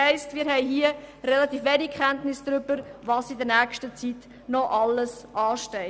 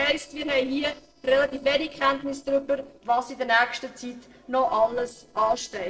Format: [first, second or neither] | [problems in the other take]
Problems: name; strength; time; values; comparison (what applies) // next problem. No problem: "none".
first | noise reduction (neural separator model SepFormer DNS4)